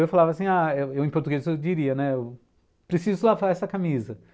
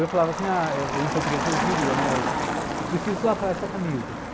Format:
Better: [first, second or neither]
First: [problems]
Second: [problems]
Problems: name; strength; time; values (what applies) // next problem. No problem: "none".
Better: first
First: none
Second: background sound (Motor vehicle (road)); 1 dB below the speech